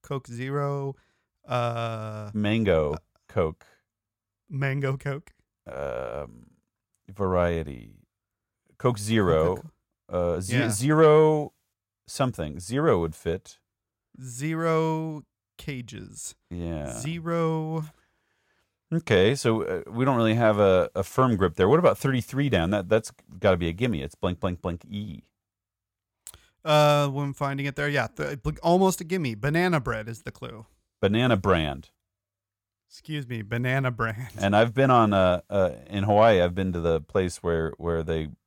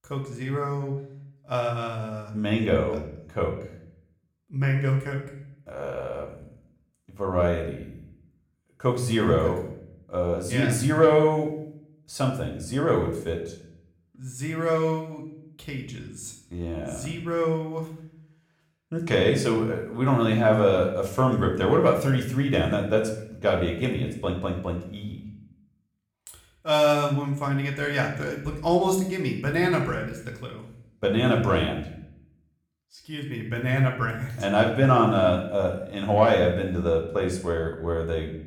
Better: first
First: none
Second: room echo; slight; dies away in 0.6 s // off-mic speech; somewhat distant

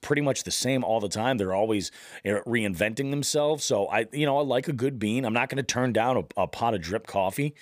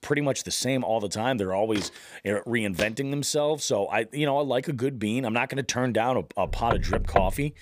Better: first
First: none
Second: footsteps; noticeable; from 2 to 3 s; peak 10 dB below the speech // door banging; noticeable; at 6.5 s; peak level with the speech

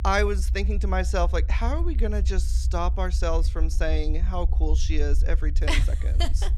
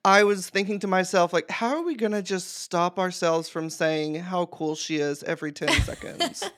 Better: second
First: low rumble; noticeable; throughout; 15 dB below the speech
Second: none

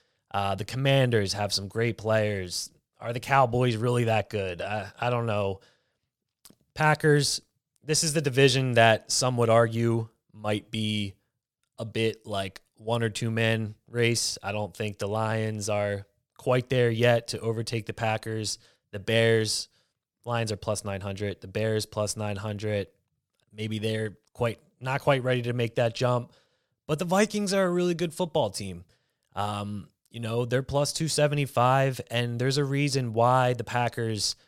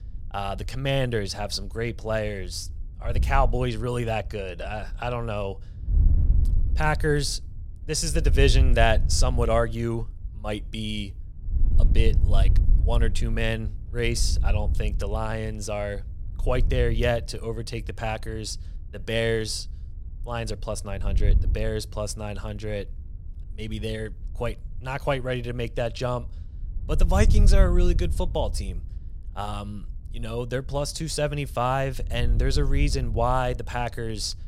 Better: first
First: none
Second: wind noise on the microphone; occasional gusts; 20 dB below the speech

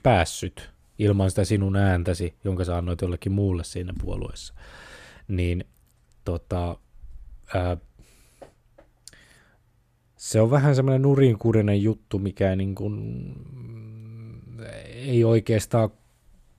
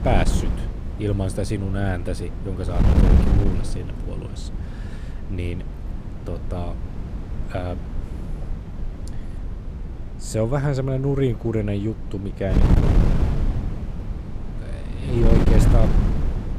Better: first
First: none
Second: wind noise on the microphone; heavy; 5 dB below the speech

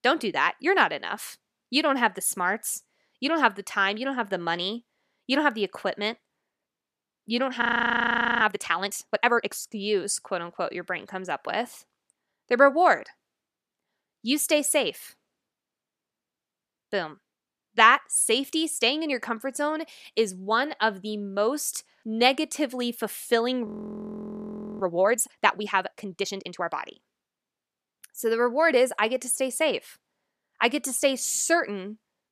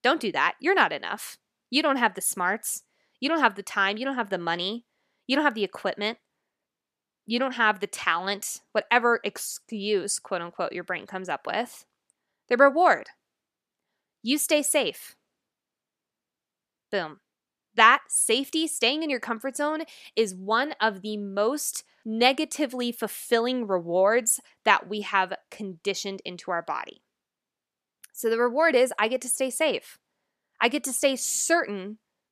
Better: second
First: audio freezing; at 7.5 s for 1 s and at 24 s for 1 s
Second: none

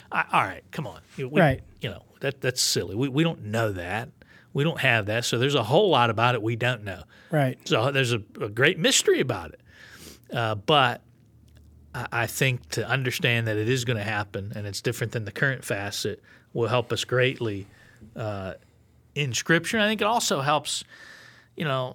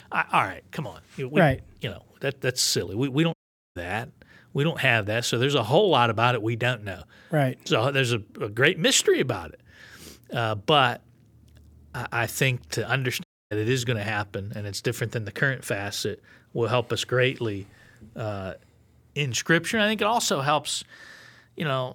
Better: first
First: none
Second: audio cutting out; at 3.5 s and at 13 s

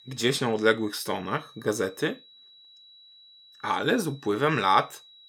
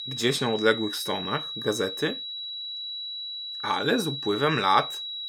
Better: first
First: high-pitched whine; faint; throughout; 4 kHz, 25 dB below the speech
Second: high-pitched whine; loud; throughout; 4 kHz, 6 dB below the speech

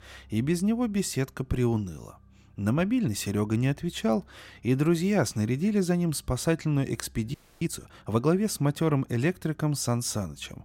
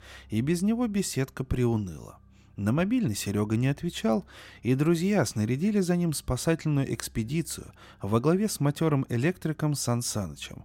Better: second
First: audio freezing; at 7.5 s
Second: none

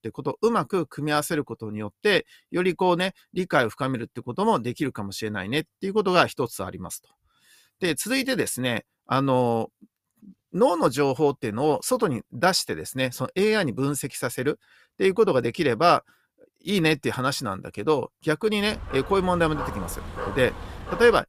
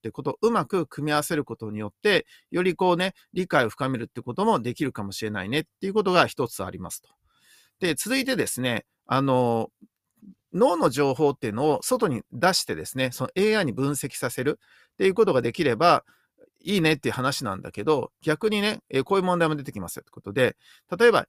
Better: second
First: dog barking; noticeable; from 19 s on; peak 9 dB below the speech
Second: none

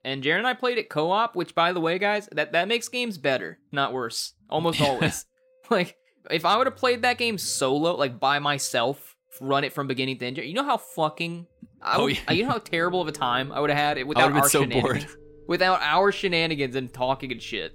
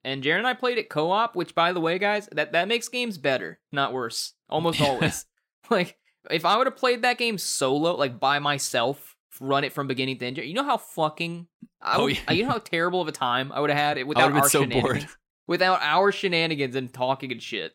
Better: second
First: background music; faint; throughout; 25 dB below the speech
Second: none

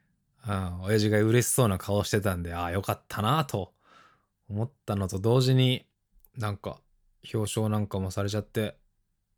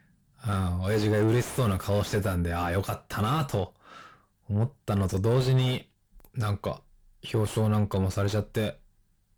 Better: first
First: none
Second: distortion; heavy; 6 dB below the speech

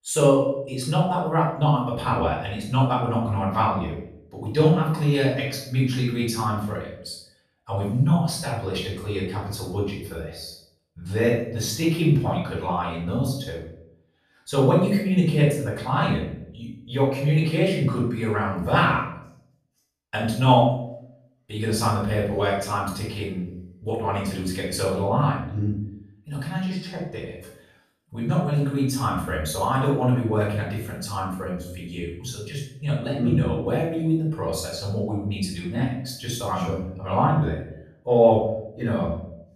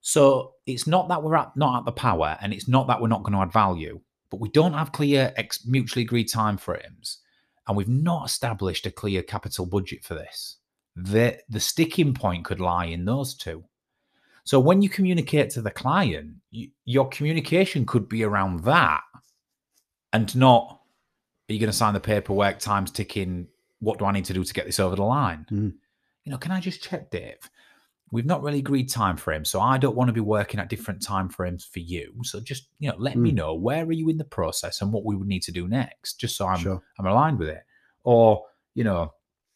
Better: second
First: off-mic speech; far // room echo; noticeable; dies away in 0.6 s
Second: none

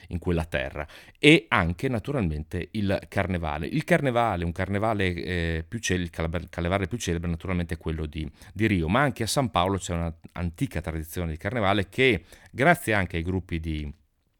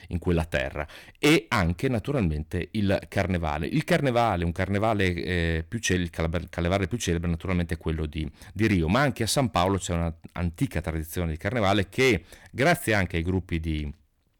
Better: first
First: none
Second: distortion; slight; 2% of the sound clipped

